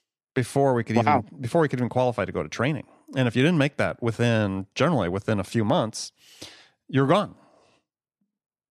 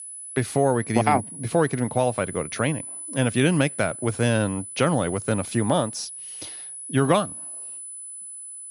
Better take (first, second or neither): first